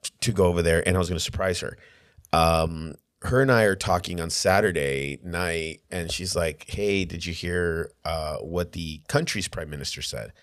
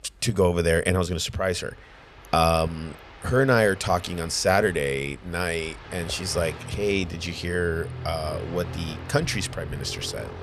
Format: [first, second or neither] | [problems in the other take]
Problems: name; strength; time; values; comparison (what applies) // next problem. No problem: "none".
first | train or aircraft noise; noticeable; throughout; 15 dB below the speech